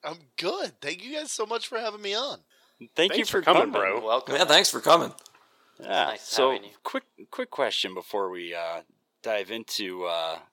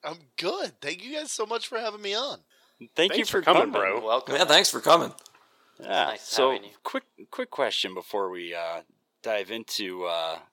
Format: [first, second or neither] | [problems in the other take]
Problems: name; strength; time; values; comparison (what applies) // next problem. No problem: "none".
neither | thin; somewhat; fading below 450 Hz; the same in both